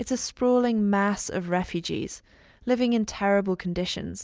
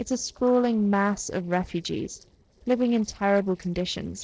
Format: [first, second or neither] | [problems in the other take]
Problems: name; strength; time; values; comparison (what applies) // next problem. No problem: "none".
first | noise reduction (neural separator model SepFormer DNS4)